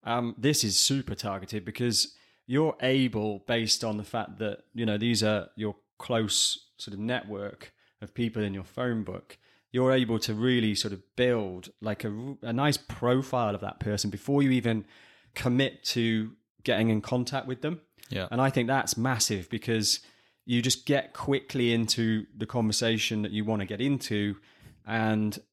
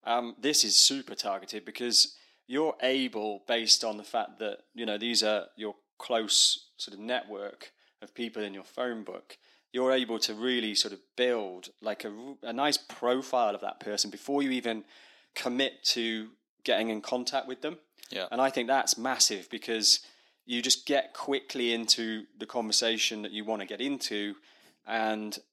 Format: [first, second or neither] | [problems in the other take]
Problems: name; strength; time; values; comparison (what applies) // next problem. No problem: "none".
first | thin; somewhat; fading below 250 Hz